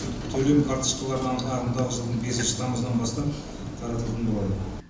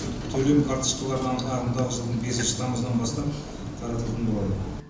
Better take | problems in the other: first | background sound (Piano); 17 dB below the speech

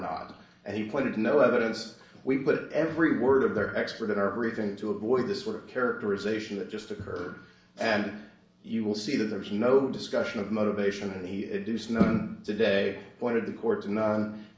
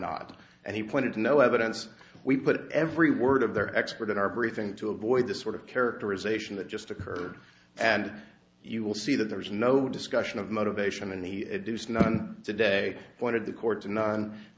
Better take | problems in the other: second | room echo; dies away in 0.5 s

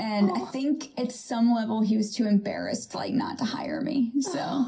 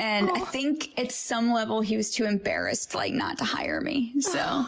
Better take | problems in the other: second | room echo; dies away in 0.3 s

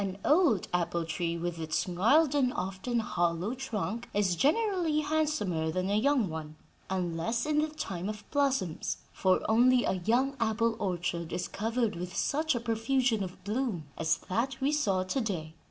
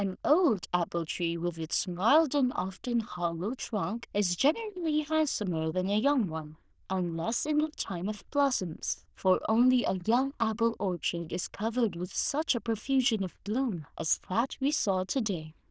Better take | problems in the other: first | noise reduction (neural diffusion model UNIVERSE++)

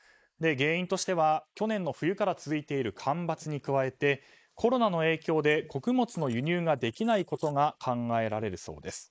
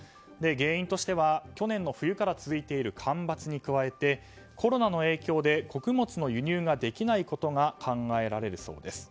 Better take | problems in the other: second | noise reduction (neural mask model Resemble Enhance denoiser)

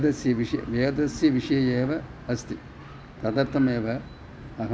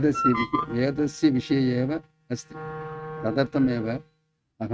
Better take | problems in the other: first | noise reduction (neural mask model RNNoise)

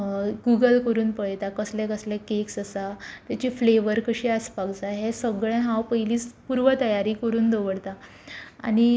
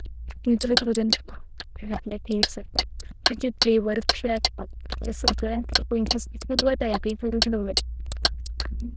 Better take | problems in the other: first | noise reduction (neural diffusion model UNIVERSE++)

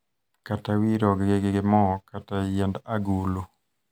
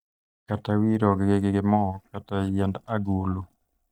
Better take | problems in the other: first | noise reduction (neural mask model DeepFilterNet 3)

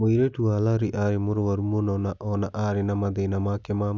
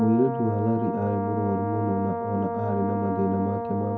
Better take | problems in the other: first | background sound (Brass instrument); 4 dB below the speech // room echo; dies away in 0.4 s

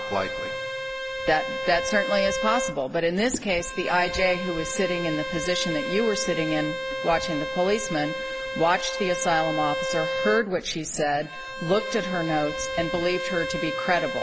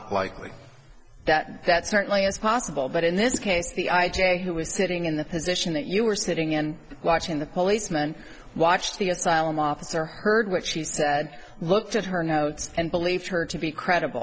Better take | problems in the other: second | background sound (Bowed string instrument); 5 dB below the speech

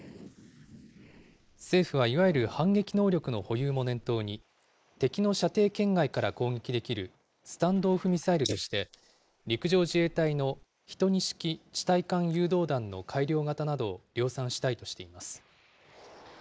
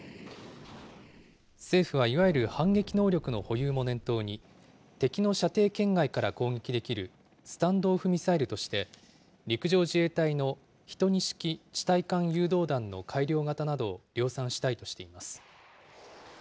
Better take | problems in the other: second | noise reduction (neural mask model Resemble Enhance denoiser)

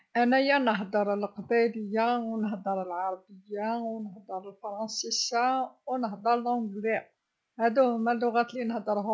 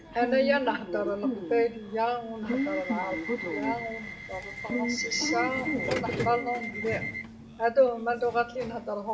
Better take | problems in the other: first | background sound (Subway, metro, underground / Alarm); 4 dB below the speech // room echo; dies away in 0.4 s

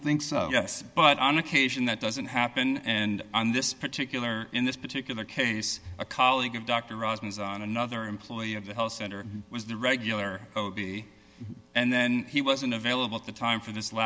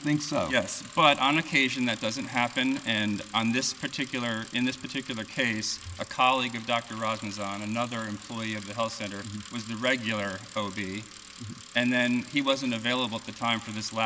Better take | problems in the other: first | background sound (Bicycle); 17 dB below the speech

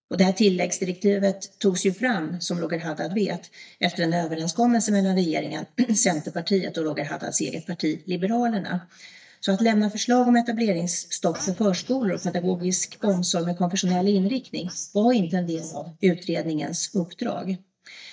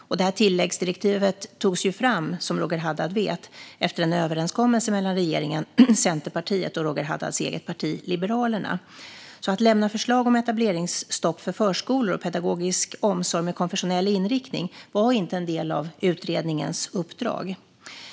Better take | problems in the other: second | noise reduction (neural mask model DeepFilterNet 3)

